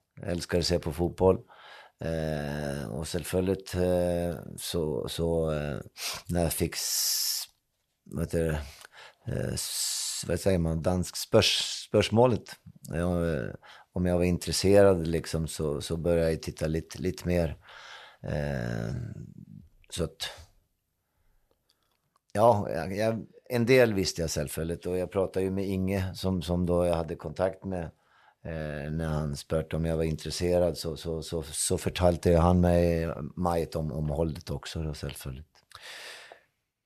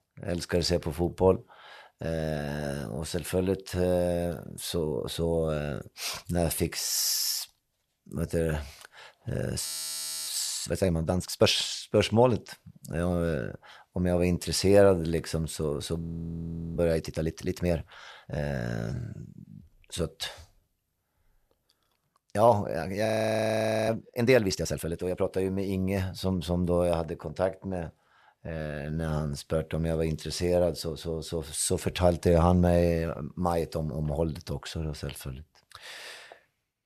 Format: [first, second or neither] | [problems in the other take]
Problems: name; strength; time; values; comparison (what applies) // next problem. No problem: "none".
first | audio freezing; at 9.5 s for 0.5 s, at 16 s for 0.5 s and at 23 s for 1 s